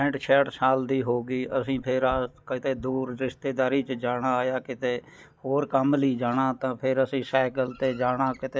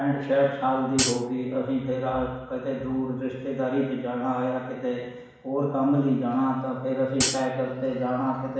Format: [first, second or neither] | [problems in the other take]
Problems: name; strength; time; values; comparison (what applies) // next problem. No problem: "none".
first | background sound (Hi-hat); 1 dB below the speech // room echo; dies away in 1.1 s